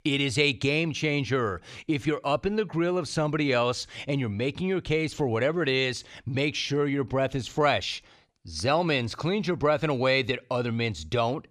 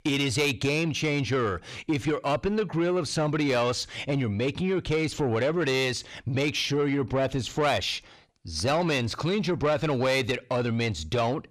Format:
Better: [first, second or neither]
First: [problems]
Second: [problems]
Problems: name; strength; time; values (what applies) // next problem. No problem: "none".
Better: first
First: none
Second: distortion; slight; 10 dB below the speech